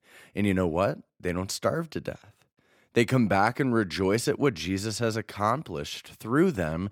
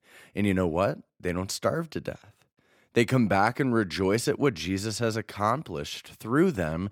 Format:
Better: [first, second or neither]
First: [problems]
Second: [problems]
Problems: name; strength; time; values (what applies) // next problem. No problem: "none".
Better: neither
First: none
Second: none